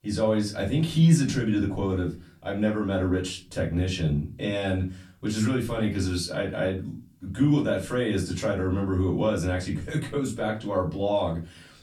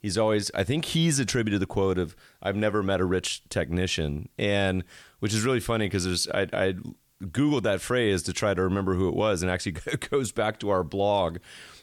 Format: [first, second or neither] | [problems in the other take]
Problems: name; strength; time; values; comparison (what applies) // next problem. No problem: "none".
second | room echo; slight; dies away in 0.3 s // off-mic speech; far